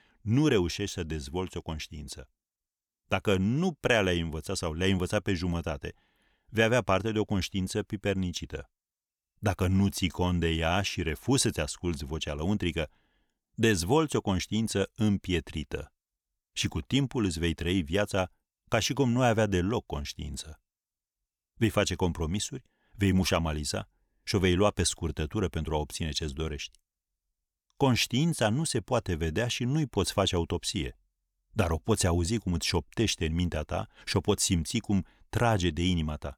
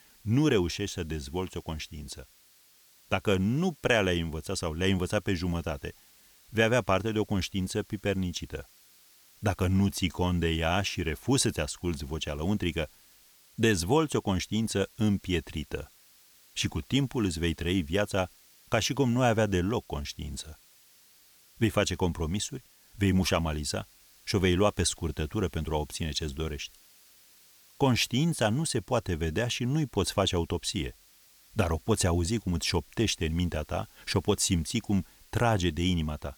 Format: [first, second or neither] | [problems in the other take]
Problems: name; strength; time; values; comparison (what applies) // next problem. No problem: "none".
first | hiss; faint; throughout; 25 dB below the speech